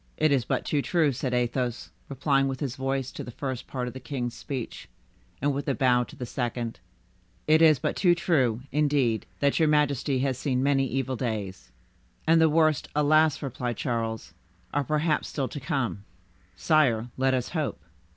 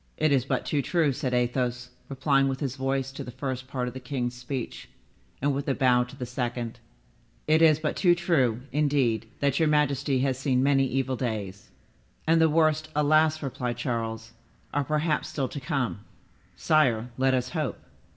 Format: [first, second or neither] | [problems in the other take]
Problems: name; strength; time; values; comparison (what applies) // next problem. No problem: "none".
first | room echo; dies away in 0.5 s